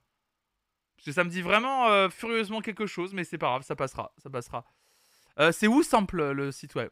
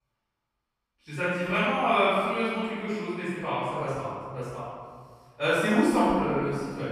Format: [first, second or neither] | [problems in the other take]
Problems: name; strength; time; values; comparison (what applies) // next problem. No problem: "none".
first | off-mic speech; far // room echo; strong; dies away in 1.7 s